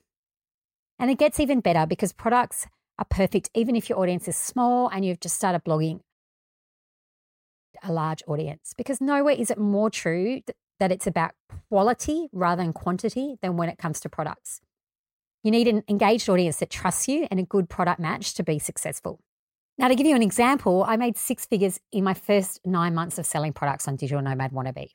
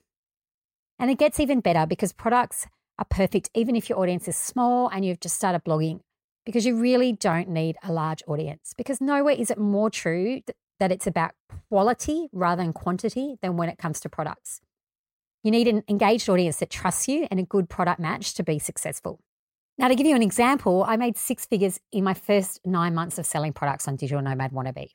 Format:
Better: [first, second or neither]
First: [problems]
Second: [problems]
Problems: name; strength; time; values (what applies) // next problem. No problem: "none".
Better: second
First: audio cutting out; at 6 s for 1.5 s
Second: none